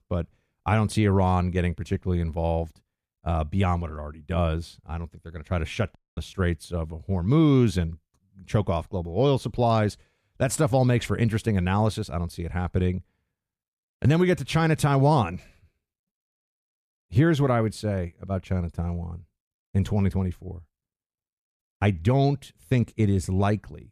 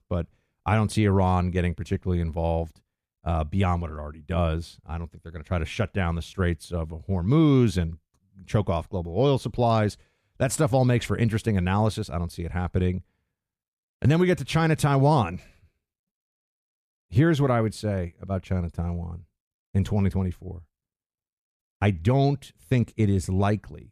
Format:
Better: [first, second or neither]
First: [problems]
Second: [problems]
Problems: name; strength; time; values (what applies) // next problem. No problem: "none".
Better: second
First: audio cutting out; at 6 s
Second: none